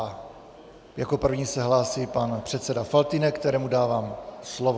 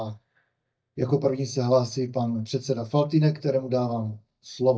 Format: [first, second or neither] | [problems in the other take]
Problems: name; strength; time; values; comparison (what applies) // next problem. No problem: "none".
first | noise reduction (neural mask model DeepFilterNet 3)